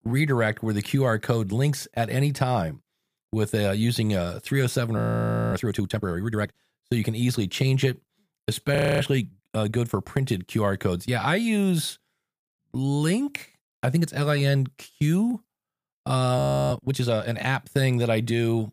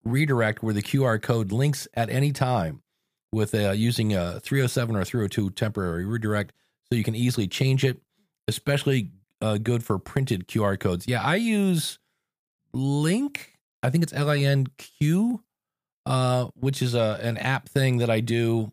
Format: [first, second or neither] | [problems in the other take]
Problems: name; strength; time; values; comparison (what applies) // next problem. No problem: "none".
second | audio freezing; at 5 s for 0.5 s, at 9 s and at 16 s